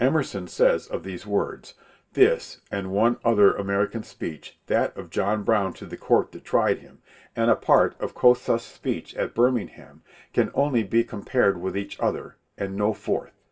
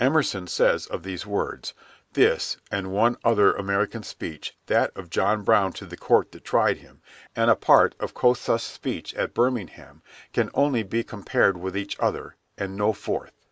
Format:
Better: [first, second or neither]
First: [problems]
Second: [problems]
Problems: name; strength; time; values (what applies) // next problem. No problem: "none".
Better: second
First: room echo; dies away in 0.2 s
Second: none